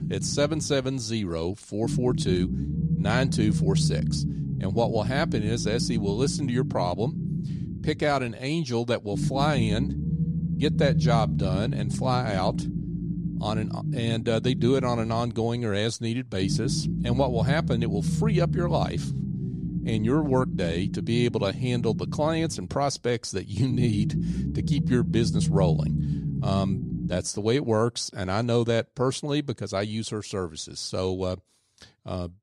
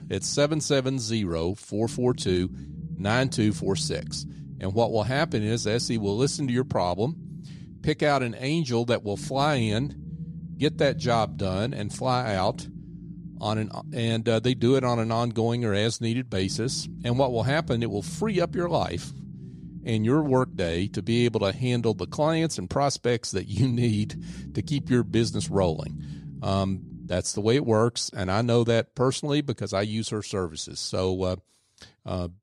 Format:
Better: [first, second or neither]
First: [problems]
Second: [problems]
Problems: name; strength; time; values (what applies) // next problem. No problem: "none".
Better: second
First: low rumble; loud; until 27 s; 9 dB below the speech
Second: low rumble; faint; until 27 s; 20 dB below the speech